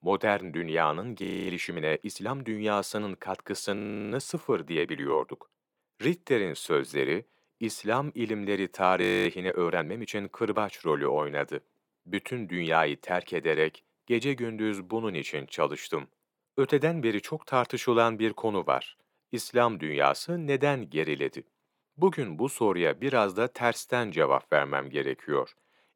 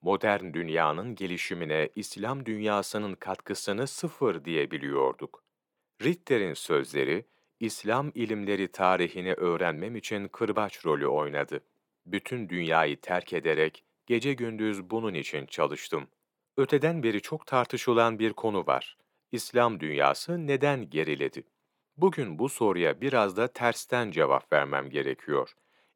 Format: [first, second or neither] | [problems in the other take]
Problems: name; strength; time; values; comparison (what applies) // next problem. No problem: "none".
second | audio freezing; at 1 s, at 4 s and at 9 s